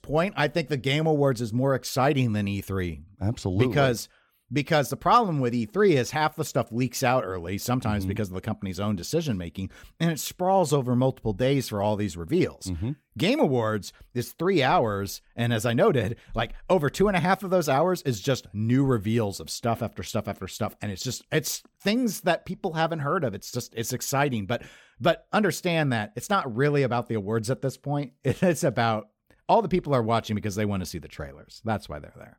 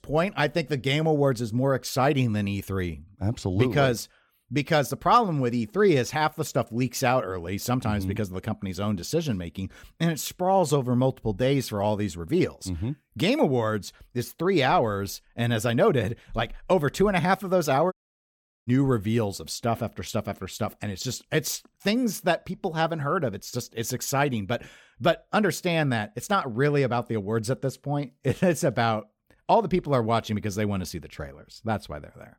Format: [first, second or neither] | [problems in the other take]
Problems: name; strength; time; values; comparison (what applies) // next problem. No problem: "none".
first | audio cutting out; at 18 s for 0.5 s